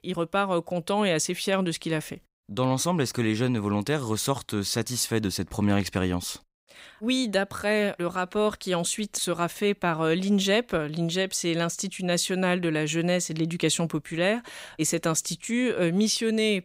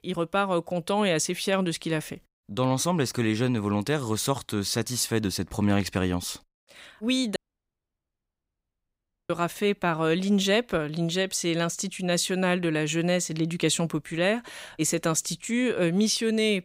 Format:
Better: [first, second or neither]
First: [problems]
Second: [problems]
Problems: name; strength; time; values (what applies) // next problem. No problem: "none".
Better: first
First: none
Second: audio cutting out; at 7.5 s for 2 s